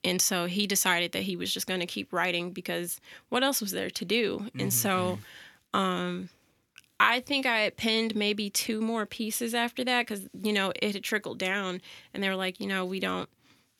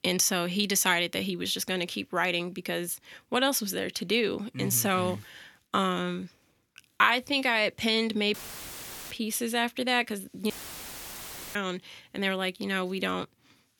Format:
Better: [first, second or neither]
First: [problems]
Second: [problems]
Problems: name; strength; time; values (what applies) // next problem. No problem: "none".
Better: first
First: none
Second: audio cutting out; filled with static; at 8.5 s for 1 s and at 11 s for 1 s